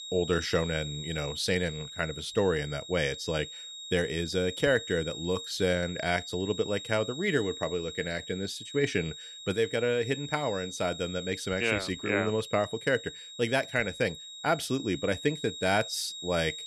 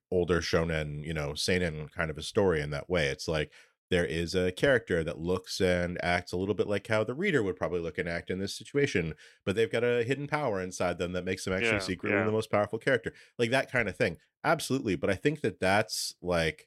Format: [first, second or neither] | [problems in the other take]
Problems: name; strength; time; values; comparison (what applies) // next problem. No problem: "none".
second | high-pitched whine; loud; throughout; 4 kHz, 10 dB below the speech